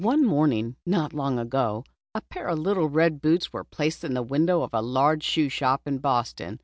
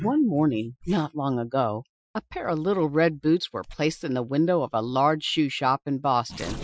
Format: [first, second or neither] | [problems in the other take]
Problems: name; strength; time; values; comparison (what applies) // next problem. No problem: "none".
first | noise reduction (classical method Wiener filter)